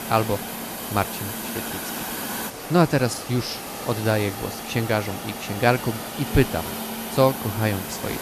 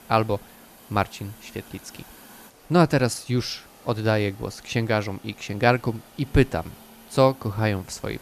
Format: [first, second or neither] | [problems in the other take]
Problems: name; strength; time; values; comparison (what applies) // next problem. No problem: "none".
second | hiss; loud; throughout; 6 dB below the speech; faint in the second